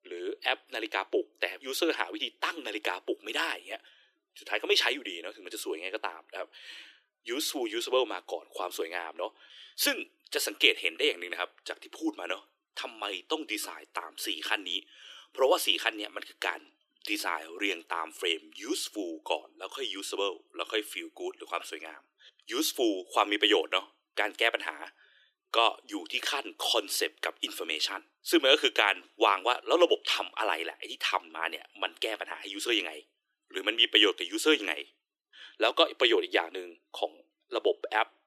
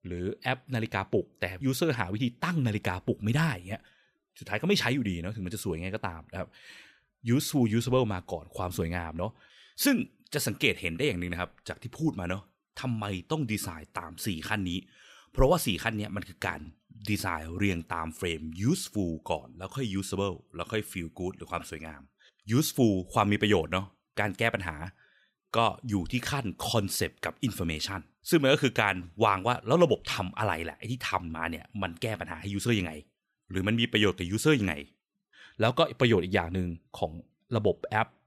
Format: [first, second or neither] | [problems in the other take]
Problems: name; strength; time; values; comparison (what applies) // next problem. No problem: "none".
second | thin; very; fading below 300 Hz